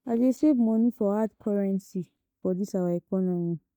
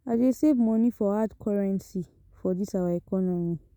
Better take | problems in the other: second | noise reduction (neural mask model DeepFilterNet 3)

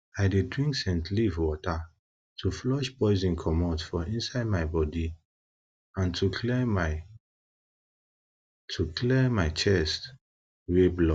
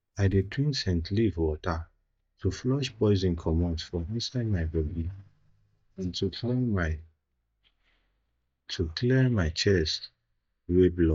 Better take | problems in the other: first | noise reduction (neural mask model DeepFilterNet 3)

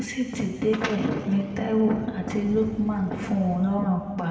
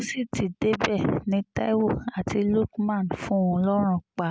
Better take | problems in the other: second | background sound (Car passing by); 20 dB below the speech // room echo; dies away in 2.2 s

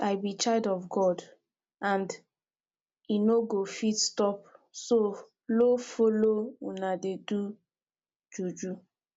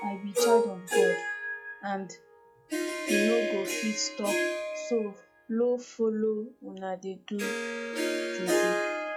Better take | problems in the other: first | noise reduction (classical method log-MMSE)

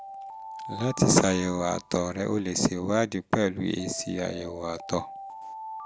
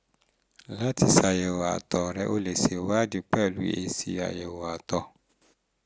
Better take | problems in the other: second | background sound (Alarm); 15 dB below the speech

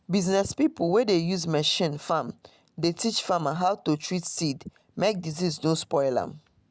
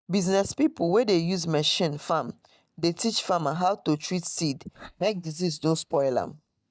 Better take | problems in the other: first | noise reduction (neural mask model DeepFilterNet 3)

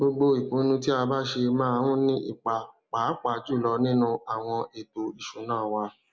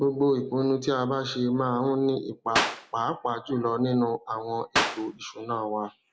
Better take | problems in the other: first | background sound (Clapping); as loud as the speech

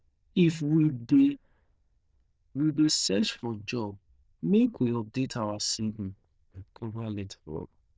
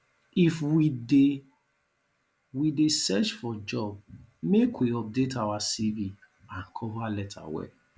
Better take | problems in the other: second | noise reduction (neural diffusion model UNIVERSE++)

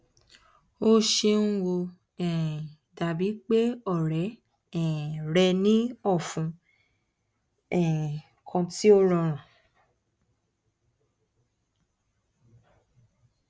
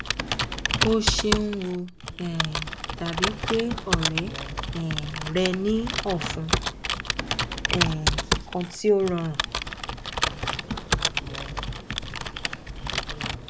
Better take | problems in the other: first | background sound (Computer keyboard); 1 dB above the speech

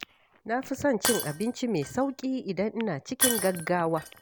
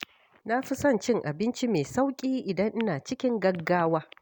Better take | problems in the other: second | background sound (Shatter); 6 dB below the speech

